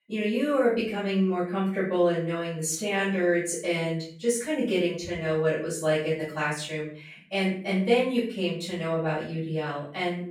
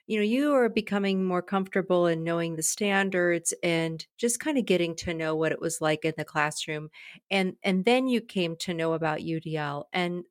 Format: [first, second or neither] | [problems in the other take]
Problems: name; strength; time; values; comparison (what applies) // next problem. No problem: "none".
second | off-mic speech; far // room echo; noticeable; dies away in 0.5 s